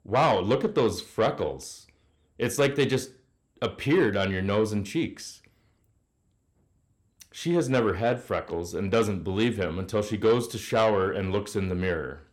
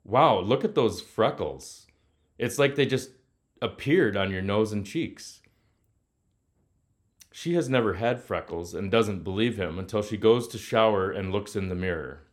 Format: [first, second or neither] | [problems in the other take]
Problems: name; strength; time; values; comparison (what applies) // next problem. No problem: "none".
second | distortion; slight; 10 dB below the speech